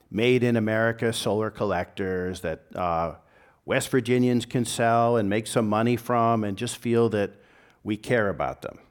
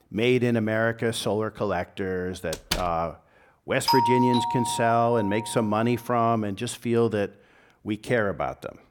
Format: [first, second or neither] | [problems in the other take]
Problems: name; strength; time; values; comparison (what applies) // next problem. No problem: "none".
first | door banging; noticeable; at 2.5 s; peak 4 dB below the speech // doorbell; loud; from 4 to 5.5 s; peak 3 dB above the speech